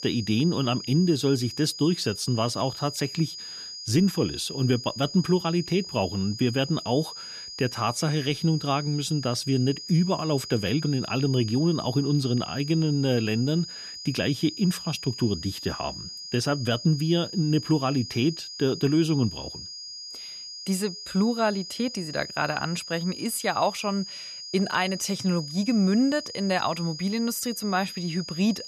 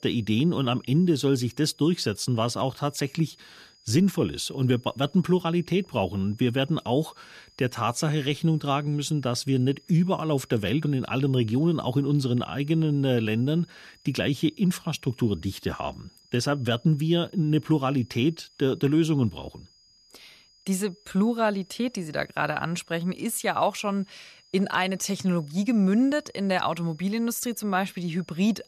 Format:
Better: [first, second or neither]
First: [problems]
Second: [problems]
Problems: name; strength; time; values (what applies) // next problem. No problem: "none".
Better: second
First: high-pitched whine; loud; throughout; 5 kHz, 10 dB below the speech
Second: high-pitched whine; faint; throughout; 5 kHz, 30 dB below the speech